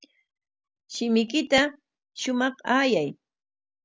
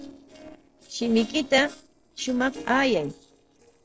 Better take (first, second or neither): first